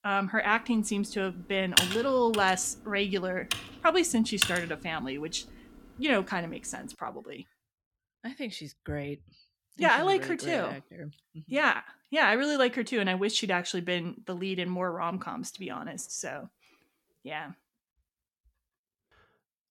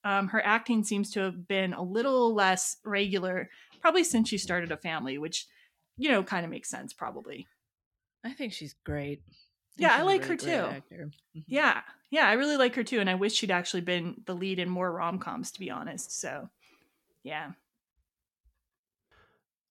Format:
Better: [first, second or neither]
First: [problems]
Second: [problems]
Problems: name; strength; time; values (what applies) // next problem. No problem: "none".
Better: second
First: keyboard typing; loud; from 2 to 4.5 s; peak 5 dB above the speech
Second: none